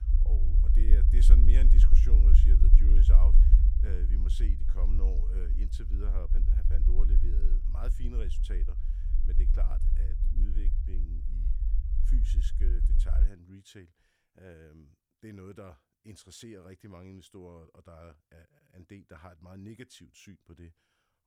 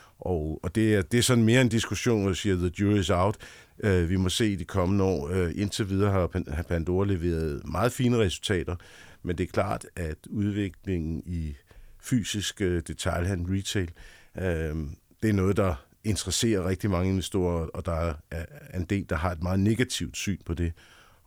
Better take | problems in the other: second | low rumble; loud; until 13 s; as loud as the speech

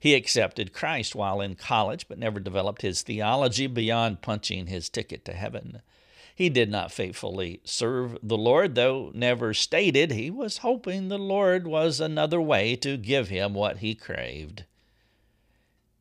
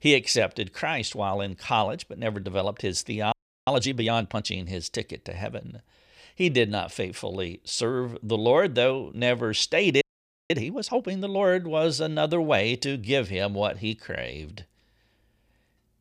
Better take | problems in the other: first | audio freezing; at 3.5 s and at 10 s

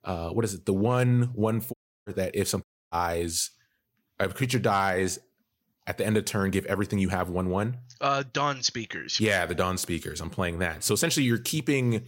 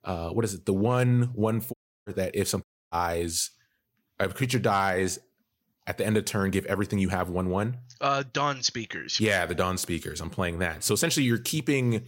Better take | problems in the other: neither | audio cutting out; at 1.5 s and at 2.5 s; the same in both

